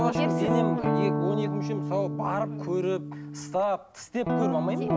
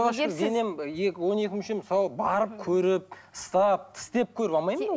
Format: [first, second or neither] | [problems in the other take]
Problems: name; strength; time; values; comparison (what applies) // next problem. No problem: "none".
second | background sound (Guitar); 2 dB above the speech